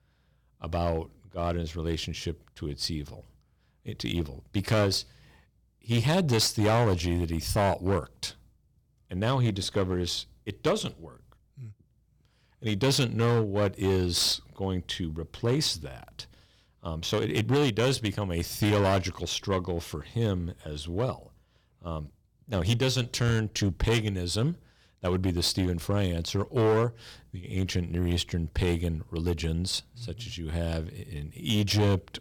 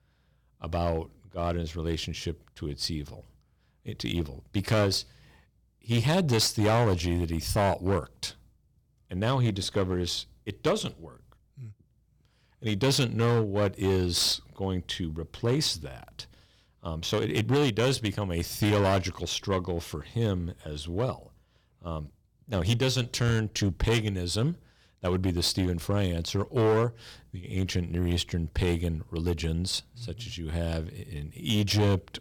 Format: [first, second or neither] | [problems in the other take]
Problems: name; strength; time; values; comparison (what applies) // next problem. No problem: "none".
neither | distortion; slight; 5% of the sound clipped; the same in both